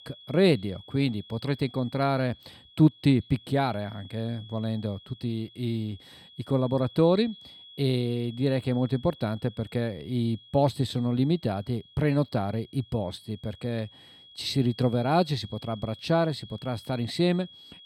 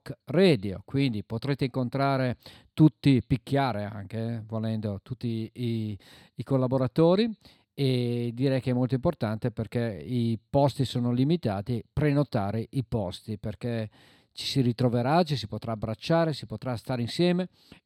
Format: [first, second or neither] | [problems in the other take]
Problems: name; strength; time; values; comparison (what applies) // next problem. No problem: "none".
second | high-pitched whine; faint; throughout; 3.5 kHz, 20 dB below the speech